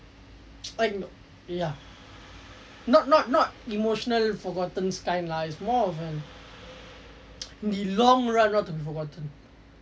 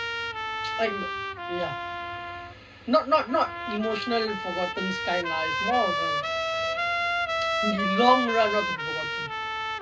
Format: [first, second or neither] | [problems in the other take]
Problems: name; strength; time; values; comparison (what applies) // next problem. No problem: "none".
first | background sound (Trumpet); 1 dB below the speech // room echo; dies away in 0.2 s